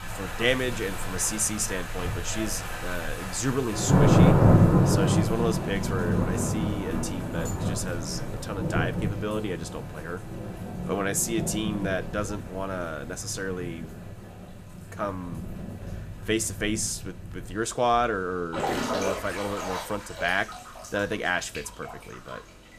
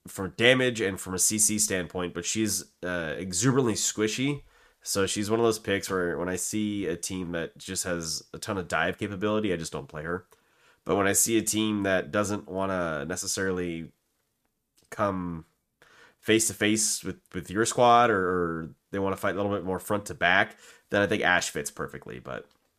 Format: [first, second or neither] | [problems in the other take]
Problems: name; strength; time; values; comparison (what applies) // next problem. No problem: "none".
second | rain or running water; very loud; throughout; 2 dB above the speech